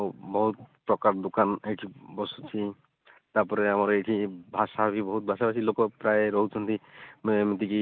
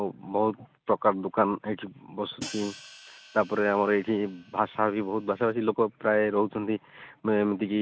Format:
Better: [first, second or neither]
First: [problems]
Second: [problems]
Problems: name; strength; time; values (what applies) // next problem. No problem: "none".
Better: first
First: none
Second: background sound (Hi-hat); 19 dB below the speech